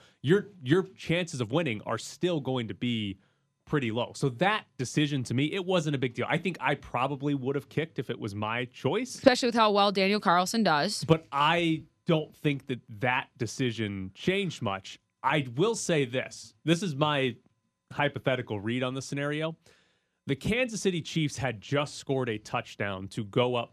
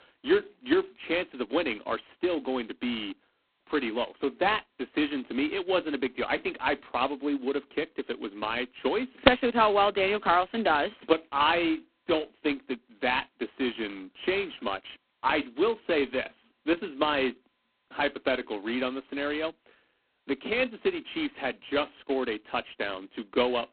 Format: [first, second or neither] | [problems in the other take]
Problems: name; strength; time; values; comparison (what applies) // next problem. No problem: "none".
first | phone-call audio; poor line; nothing above 4 kHz